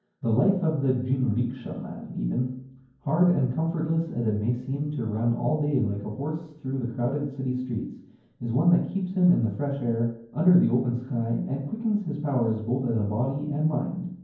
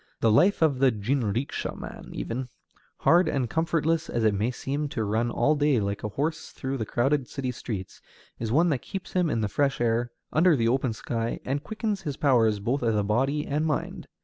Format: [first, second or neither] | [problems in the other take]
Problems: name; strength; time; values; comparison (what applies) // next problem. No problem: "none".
second | room echo; dies away in 0.9 s